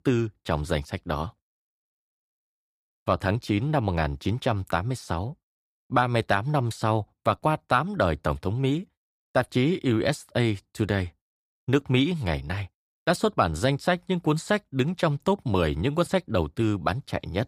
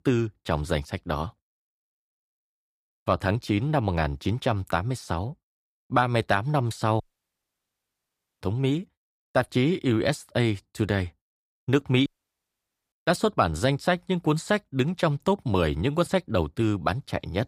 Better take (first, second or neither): first